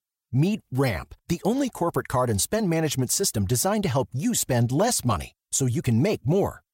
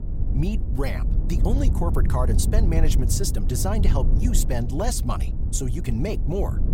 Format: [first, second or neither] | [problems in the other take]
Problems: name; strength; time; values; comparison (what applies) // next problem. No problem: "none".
first | low rumble; loud; throughout; 8 dB below the speech